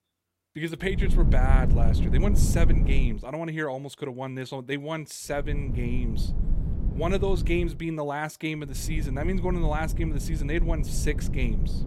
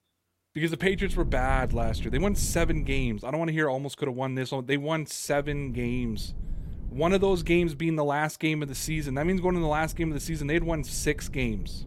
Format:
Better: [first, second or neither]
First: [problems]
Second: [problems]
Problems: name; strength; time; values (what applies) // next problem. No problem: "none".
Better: second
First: low rumble; loud; from 1 to 3 s, from 5.5 to 7.5 s and from 9 s on; 8 dB below the speech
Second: low rumble; faint; from 1 to 3 s, from 5.5 to 7.5 s and from 9 s on; 20 dB below the speech